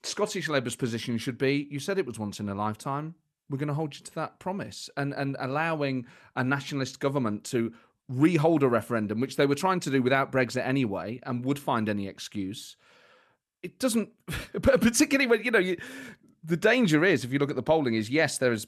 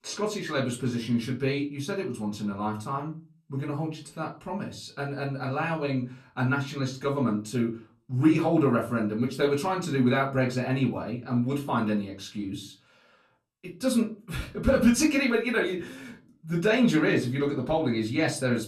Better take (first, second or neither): first